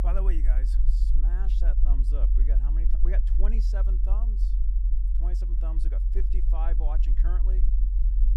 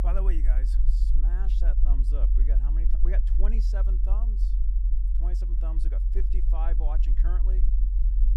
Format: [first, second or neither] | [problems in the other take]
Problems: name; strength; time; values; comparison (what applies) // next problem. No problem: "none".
neither | low rumble; loud; throughout; 5 dB below the speech; the same in both